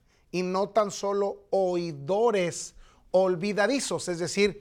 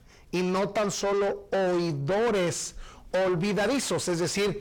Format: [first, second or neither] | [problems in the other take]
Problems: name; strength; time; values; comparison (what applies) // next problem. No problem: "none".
first | distortion; heavy; 6 dB below the speech